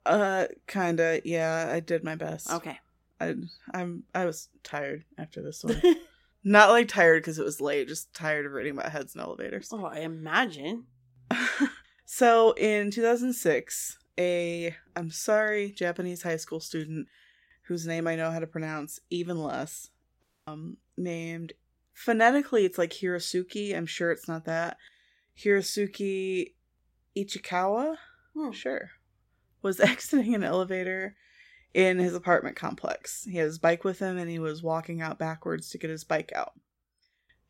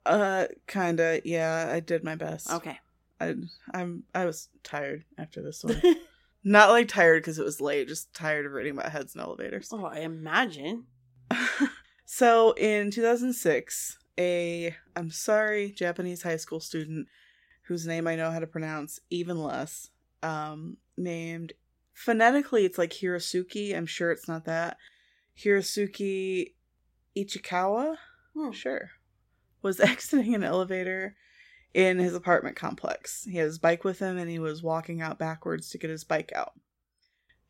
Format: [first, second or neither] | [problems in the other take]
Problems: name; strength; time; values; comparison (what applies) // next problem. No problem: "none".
second | audio cutting out; at 20 s